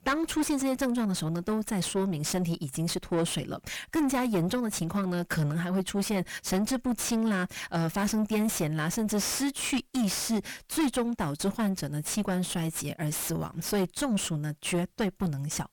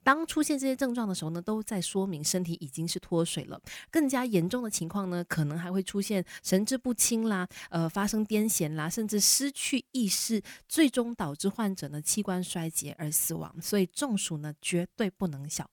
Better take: second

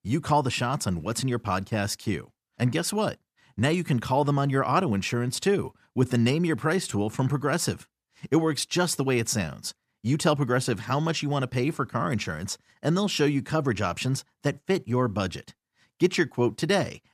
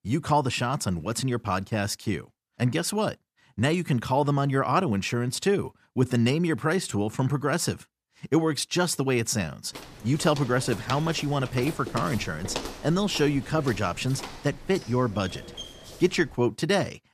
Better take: first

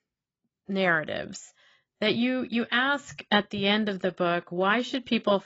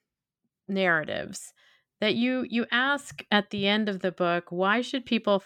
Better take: second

